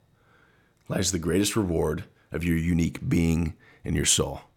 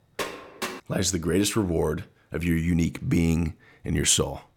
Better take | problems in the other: first | door banging; noticeable; at the start; peak 9 dB below the speech

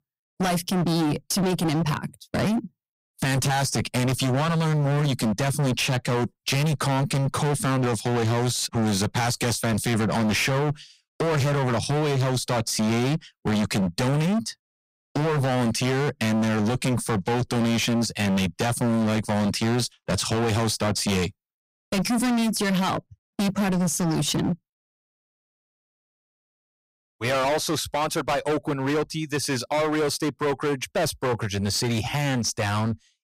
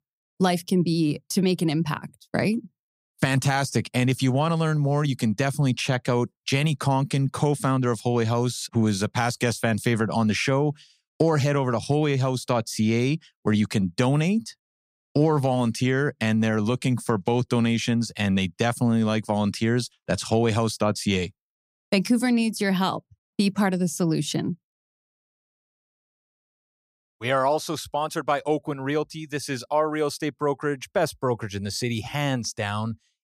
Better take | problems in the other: second | distortion; heavy; 30% of the sound clipped

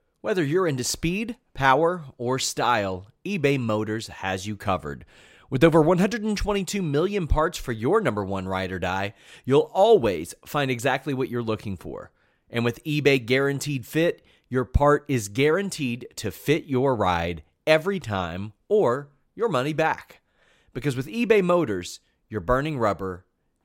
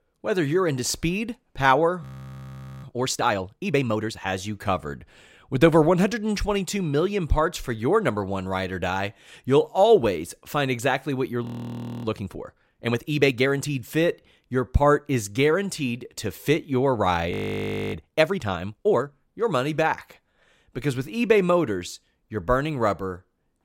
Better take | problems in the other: first | audio freezing; at 2 s for 1 s, at 11 s for 0.5 s and at 17 s for 0.5 s

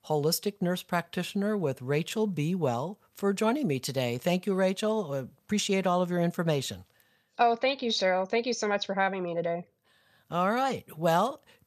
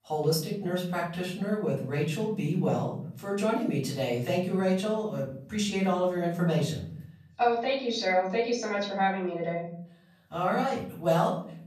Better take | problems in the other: first | off-mic speech; far // room echo; slight; dies away in 0.7 s

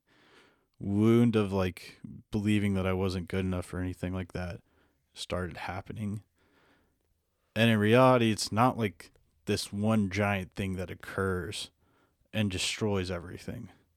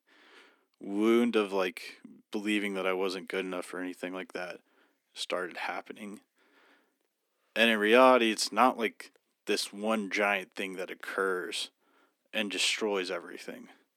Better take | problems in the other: first | thin; somewhat; fading below 250 Hz

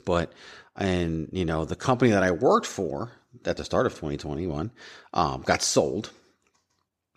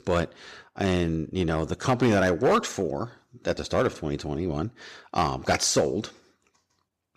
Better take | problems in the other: first | distortion; slight; 2% of the sound clipped

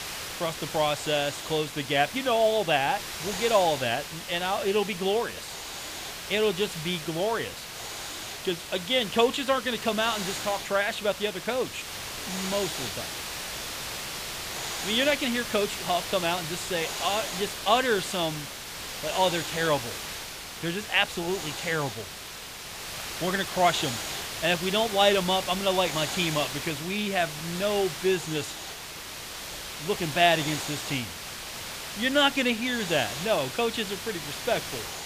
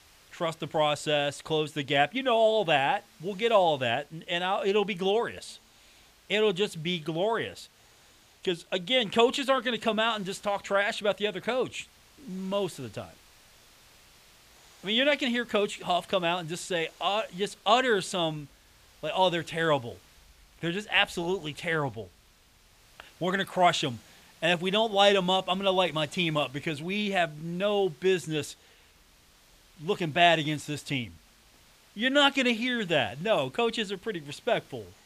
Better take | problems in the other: second | hiss; loud; throughout; 7 dB below the speech; faint in the second

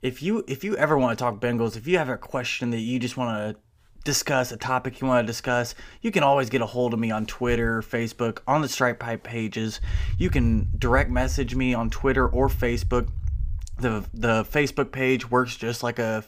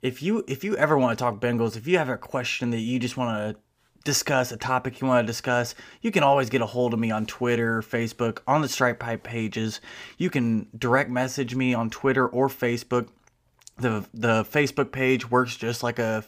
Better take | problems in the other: second | low rumble; faint; throughout; 25 dB below the speech

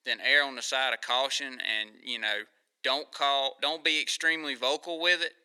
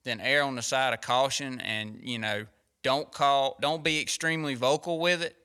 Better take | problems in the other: second | thin; somewhat; fading below 300 Hz

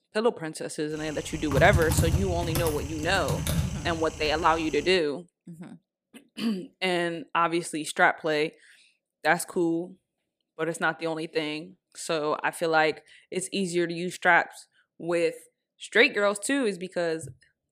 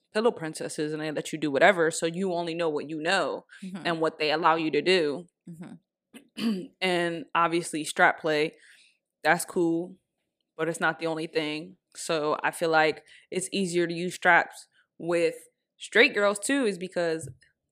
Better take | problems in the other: second | keyboard typing; loud; from 1.5 to 4.5 s; peak 1 dB above the speech

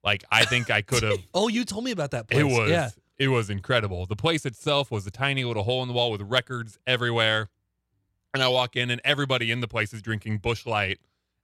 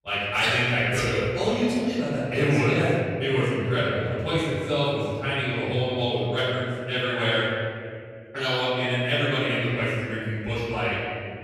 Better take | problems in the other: first | off-mic speech; far // room echo; strong; dies away in 2.3 s

